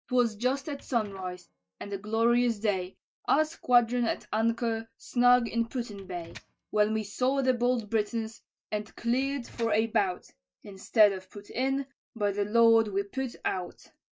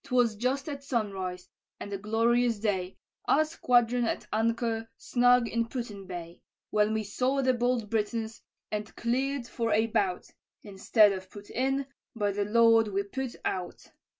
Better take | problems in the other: second | noise reduction (neural mask model DeepFilterNet 3)

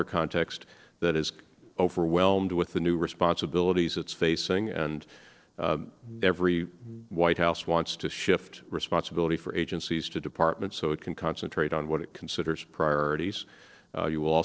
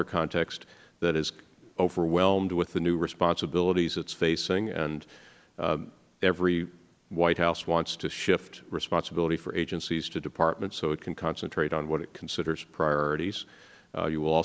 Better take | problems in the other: second | noise reduction (neural separator model SepFormer DNS4)

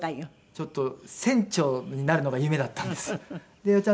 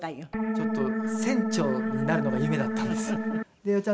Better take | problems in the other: first | background sound (Organ); 2 dB above the speech

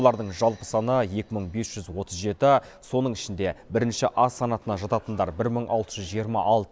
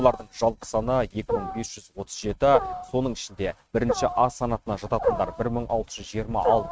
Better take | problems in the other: first | noise reduction (neural mask model RNNoise)

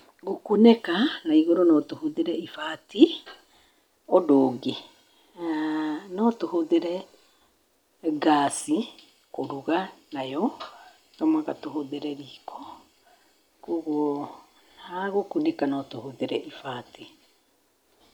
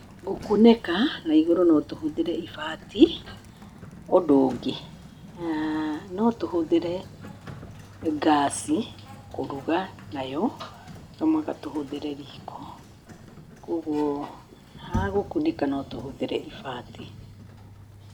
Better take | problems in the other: first | background sound (Sliding door); 16 dB below the speech

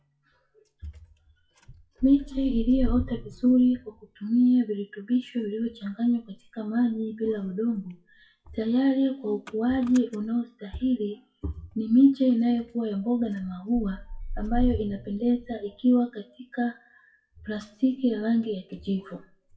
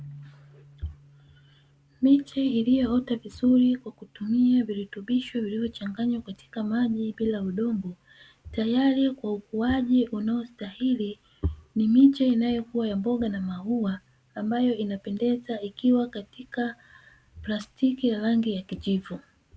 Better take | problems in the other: second | noise reduction (classical method WPE with log-MMSE)

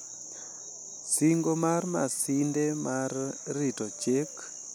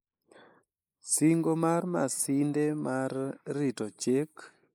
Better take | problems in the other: first | noise reduction (neural mask model Resemble Enhance denoiser)

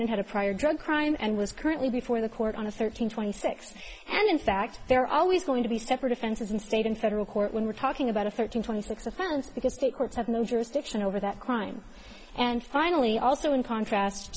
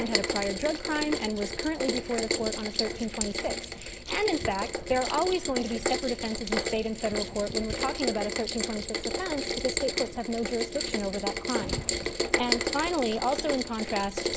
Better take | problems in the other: first | background sound (Rain); 1 dB below the speech

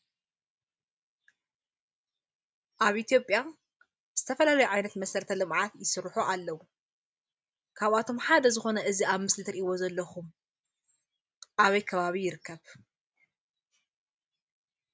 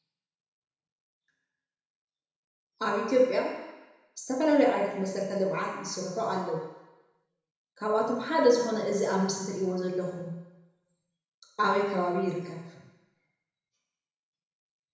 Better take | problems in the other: first | room echo; dies away in 1 s

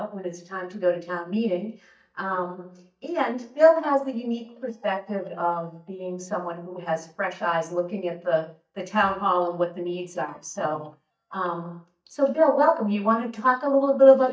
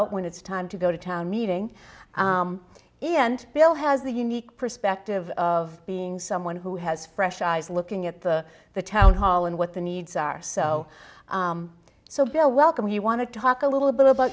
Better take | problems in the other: second | noise reduction (neural mask model DeepFilterNet 3)

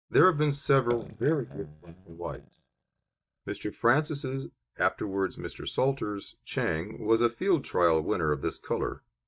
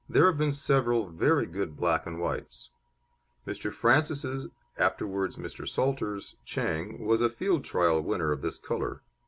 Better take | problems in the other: second | noise reduction (neural mask model DeepFilterNet 3)

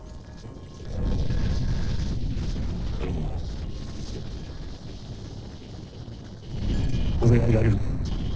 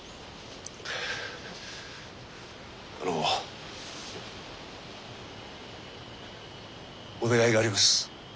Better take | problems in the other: second | noise reduction (neural separator model SepFormer DNS4)

